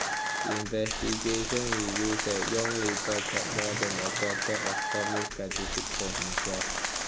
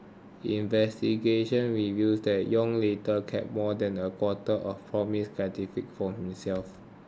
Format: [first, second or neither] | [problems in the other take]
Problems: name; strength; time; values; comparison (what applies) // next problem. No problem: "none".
second | background sound (Applause); 2 dB above the speech